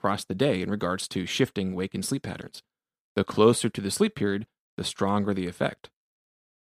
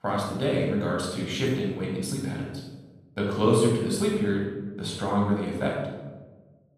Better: first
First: none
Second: off-mic speech; far // room echo; noticeable; dies away in 1.1 s

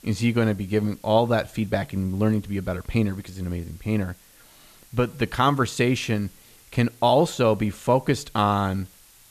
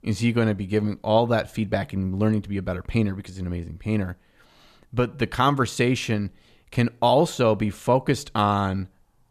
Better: second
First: hiss; faint; throughout; 25 dB below the speech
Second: none

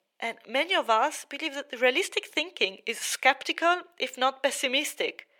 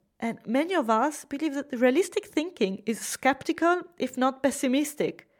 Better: second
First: thin; somewhat; fading below 600 Hz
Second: none

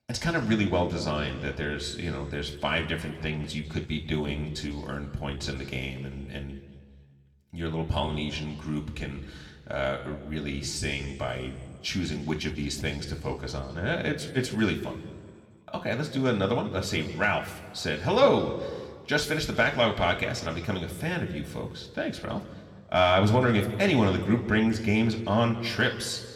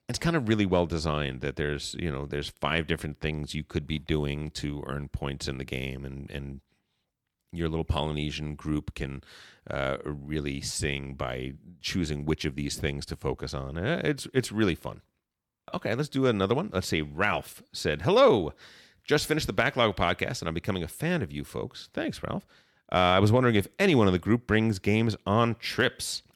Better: second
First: room echo; slight; dies away in 1.5 s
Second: none

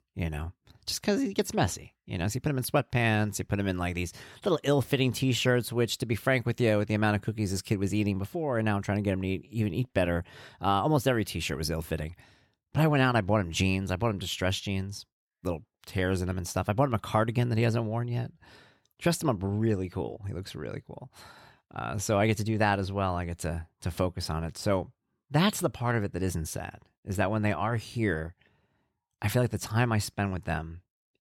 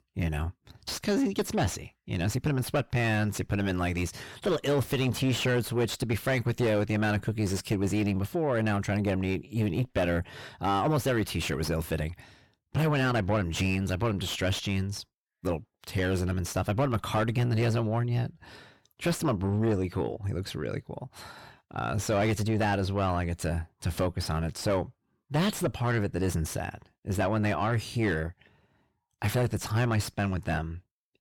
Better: first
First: none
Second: distortion; heavy; 7 dB below the speech

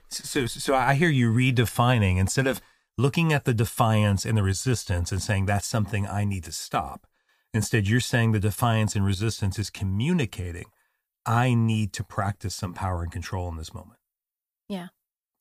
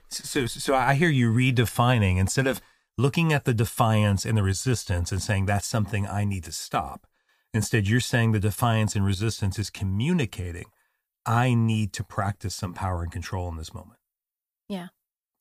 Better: neither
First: none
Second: none

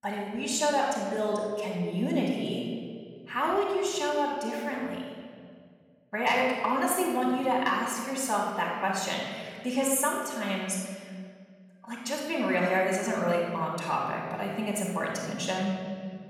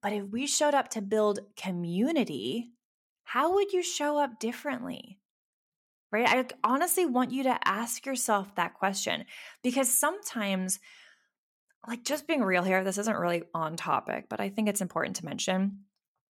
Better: second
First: off-mic speech; far // room echo; noticeable; dies away in 2.1 s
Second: none

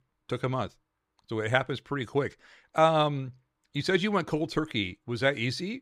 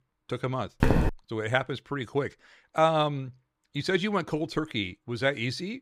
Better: first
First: none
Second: footsteps; loud; at 1 s; peak 4 dB above the speech

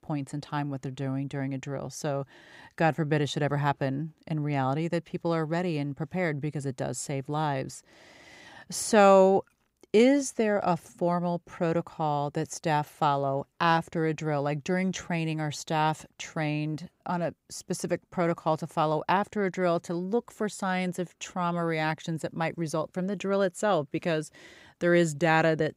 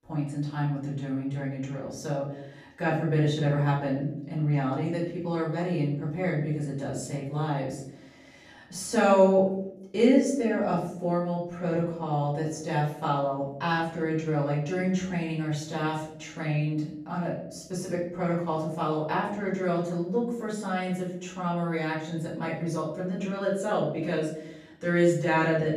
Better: first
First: none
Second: off-mic speech; far // room echo; noticeable; dies away in 0.7 s

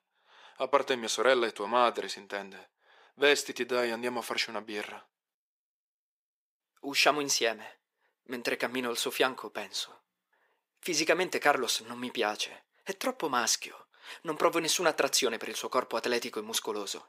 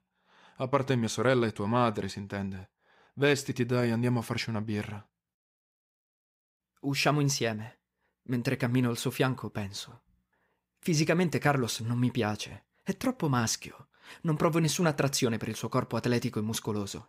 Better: second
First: thin; very; fading below 400 Hz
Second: none

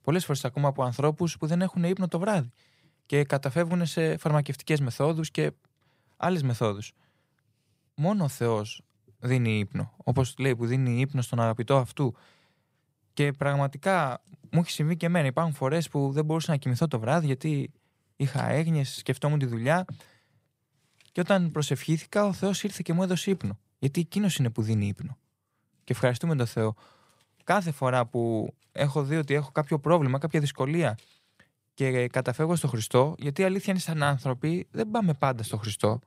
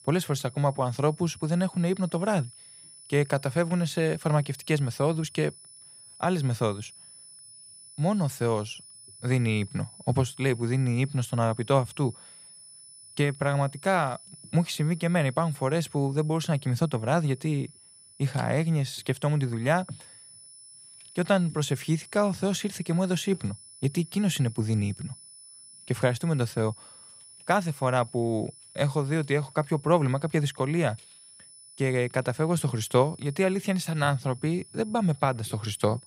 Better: first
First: none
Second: high-pitched whine; noticeable; throughout; 10 kHz, 20 dB below the speech

